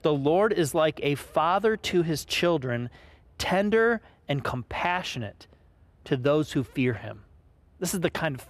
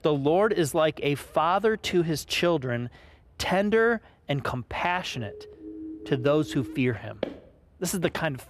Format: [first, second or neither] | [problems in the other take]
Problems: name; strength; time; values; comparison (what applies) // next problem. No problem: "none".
first | siren; faint; from 5 to 7 s; peak 15 dB below the speech // footsteps; faint; at 7 s; peak 10 dB below the speech